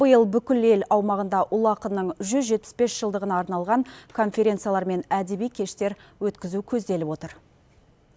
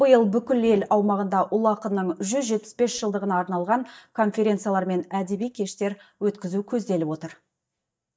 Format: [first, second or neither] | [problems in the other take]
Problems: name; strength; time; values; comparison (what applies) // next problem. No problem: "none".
first | noise reduction (neural mask model DeepFilterNet 3)